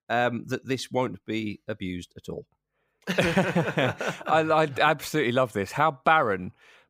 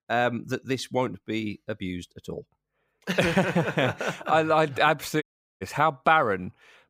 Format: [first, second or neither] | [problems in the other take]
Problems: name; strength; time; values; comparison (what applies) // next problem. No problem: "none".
first | audio cutting out; at 5 s